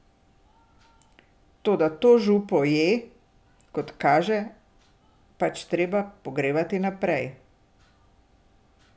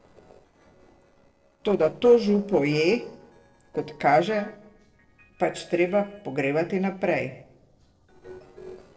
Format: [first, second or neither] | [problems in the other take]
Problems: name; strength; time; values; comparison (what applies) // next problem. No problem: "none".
first | noise reduction (neural separator model SepFormer DNS4)